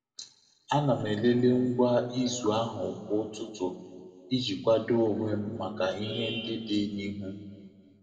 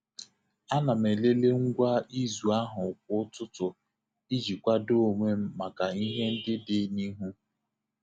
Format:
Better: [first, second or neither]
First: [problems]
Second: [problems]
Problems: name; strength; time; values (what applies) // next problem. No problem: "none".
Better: second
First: room echo; dies away in 1.6 s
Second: none